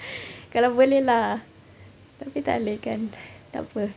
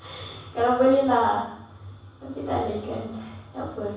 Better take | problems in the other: first | room echo; dies away in 0.7 s

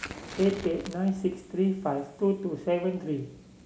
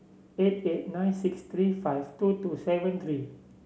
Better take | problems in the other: second | background sound (Fire); 17 dB below the speech

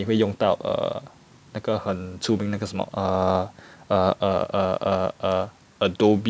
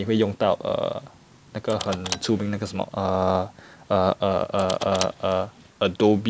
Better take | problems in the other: first | background sound (Car); 15 dB below the speech

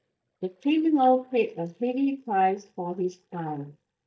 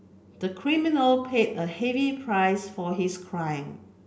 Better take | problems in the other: second | noise reduction (neural mask model DeepFilterNet 3)

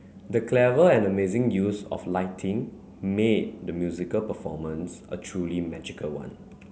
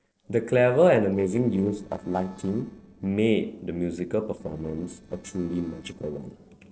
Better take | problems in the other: first | noise reduction (neural separator model SepFormer DNS4)

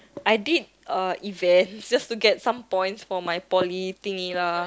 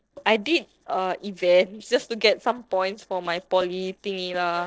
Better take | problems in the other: first | noise reduction (neural separator model SepFormer DNS4)

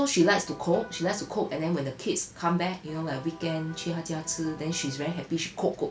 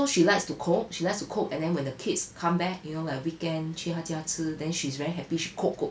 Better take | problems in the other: second | background sound (Electric guitar); 18 dB below the speech

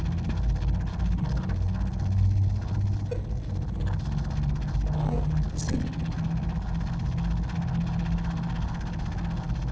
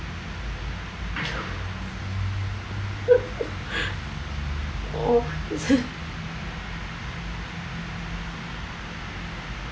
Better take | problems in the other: second | noise reduction (neural separator model SepFormer DNS4)

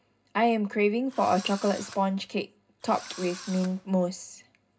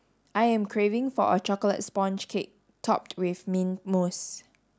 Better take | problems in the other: second | background sound (Engine / Drill); 17 dB below the speech // room echo; dies away in 0.2 s

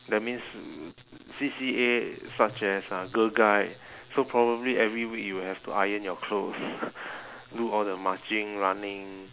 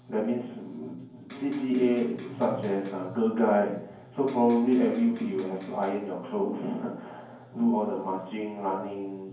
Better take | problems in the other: first | background sound (Electric guitar); 16 dB below the speech // room echo; dies away in 0.9 s

